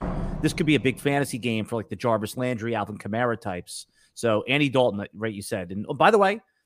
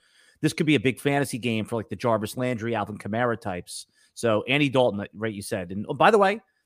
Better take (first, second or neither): second